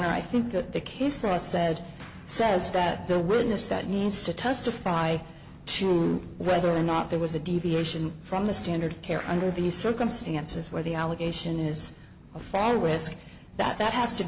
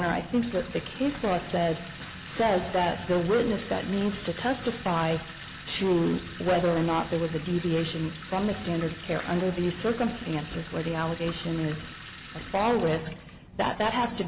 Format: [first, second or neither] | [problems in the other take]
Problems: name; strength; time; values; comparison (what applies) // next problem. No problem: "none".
first | background sound (Sink (filling or washing) / Water tap, faucet); 16 dB below the speech